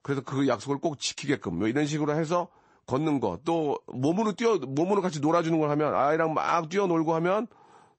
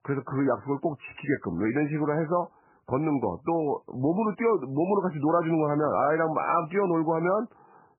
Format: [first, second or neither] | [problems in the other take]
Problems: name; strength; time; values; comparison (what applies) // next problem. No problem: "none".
first | garbled, watery; badly; nothing above 2.5 kHz; slightly in the first